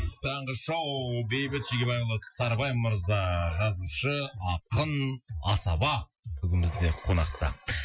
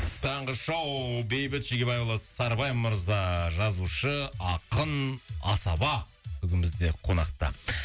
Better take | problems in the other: second | noise reduction (classical method Wiener filter)

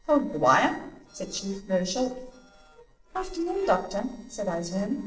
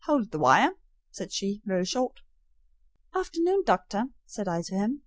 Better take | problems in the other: second | noise reduction (neural separator model SepFormer DNS4)

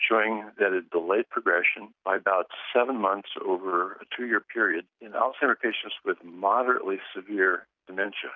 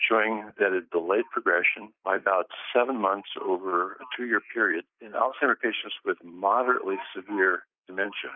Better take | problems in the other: first | noise reduction (neural mask model Resemble Enhance denoiser)

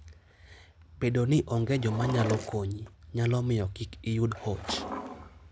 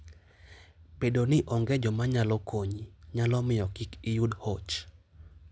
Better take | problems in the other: second | background sound (Drawer open or close); 12 dB below the speech

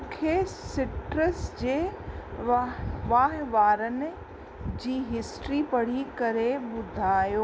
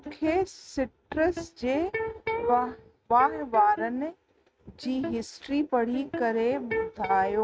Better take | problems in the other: first | noise reduction (neural mask model RNNoise)

